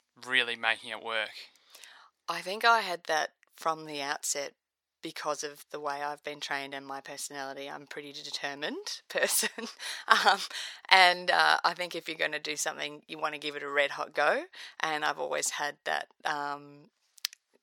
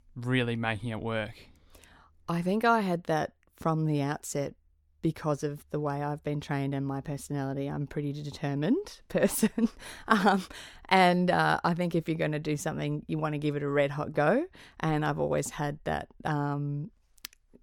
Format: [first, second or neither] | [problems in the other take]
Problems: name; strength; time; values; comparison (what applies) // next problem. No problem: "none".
second | thin; very; fading below 700 Hz